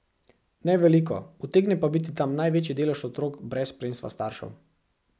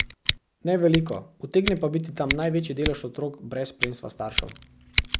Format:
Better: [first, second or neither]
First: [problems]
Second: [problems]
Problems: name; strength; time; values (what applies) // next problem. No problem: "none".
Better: first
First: none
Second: background sound (Scissors); 5 dB below the speech